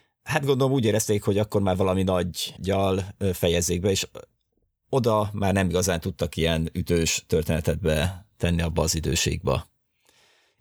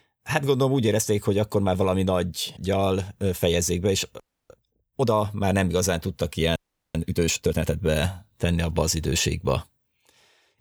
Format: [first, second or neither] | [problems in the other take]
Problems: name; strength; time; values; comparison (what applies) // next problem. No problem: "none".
first | audio freezing; at 4 s and at 6.5 s